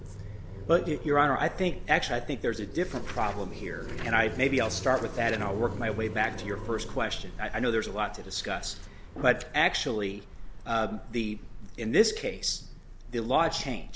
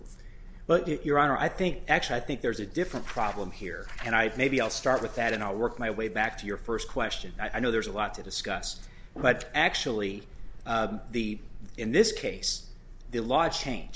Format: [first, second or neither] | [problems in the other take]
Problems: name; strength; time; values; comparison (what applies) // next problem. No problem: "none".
second | background sound (Car passing by); 13 dB below the speech